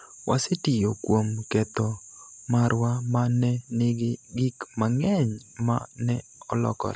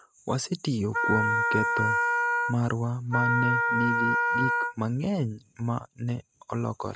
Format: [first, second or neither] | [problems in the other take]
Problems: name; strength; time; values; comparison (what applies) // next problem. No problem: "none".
first | noise reduction (neural mask model RNNoise)